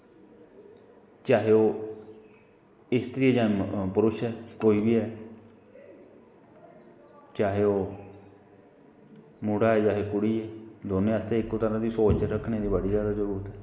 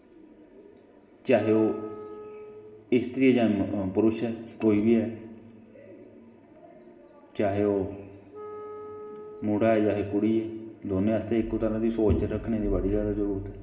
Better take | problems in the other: first | background sound (Wind instrument, woodwind instrument); 16 dB below the speech // room echo; dies away in 2.1 s

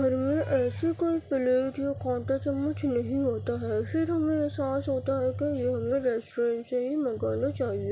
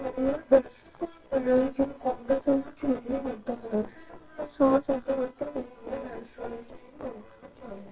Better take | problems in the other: first | noise reduction (neural separator model SepFormer WHAMR!)

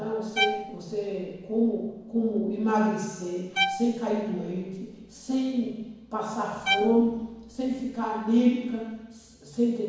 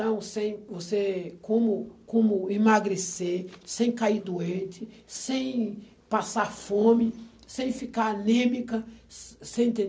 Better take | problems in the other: second | background sound (Bowed string instrument); 7 dB below the speech // room echo; dies away in 1.1 s

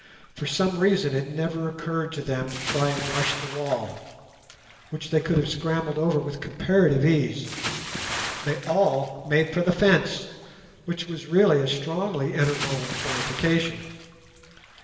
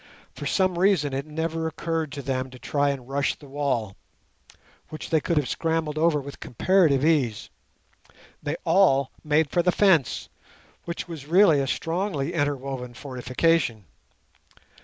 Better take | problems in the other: second | background sound (Bathtub (filling or washing) / Splash, splatter); 12 dB below the speech // room echo; dies away in 2.4 s

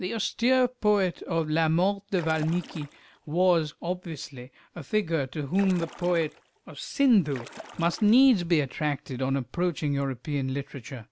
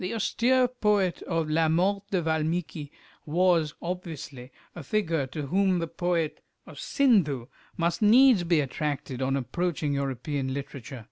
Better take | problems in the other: second | background sound (Splash, splatter); 19 dB below the speech

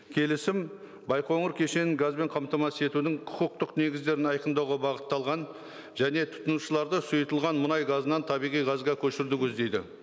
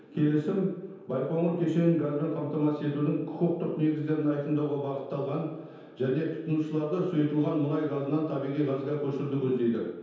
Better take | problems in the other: first | room echo; dies away in 0.9 s

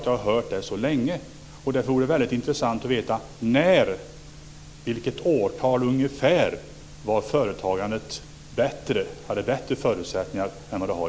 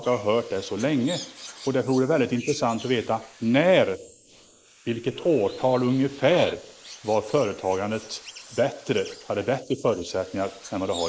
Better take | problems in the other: first | noise reduction (neural mask model Resemble Enhance denoiser)

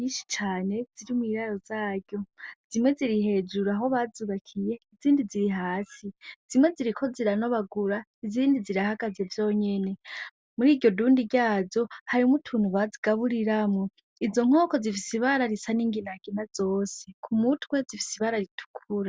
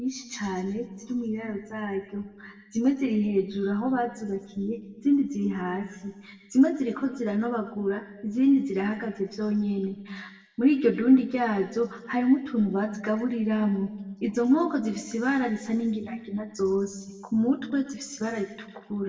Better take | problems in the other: first | room echo; dies away in 1.1 s

